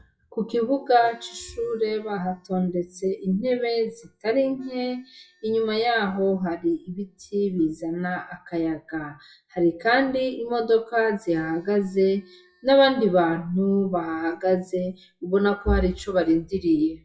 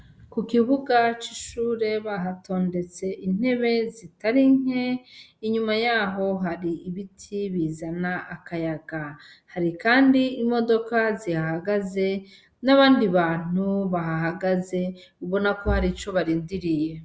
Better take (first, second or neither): second